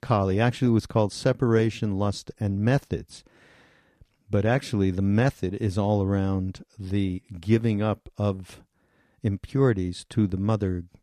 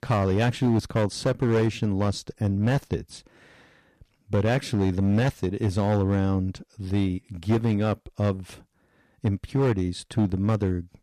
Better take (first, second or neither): first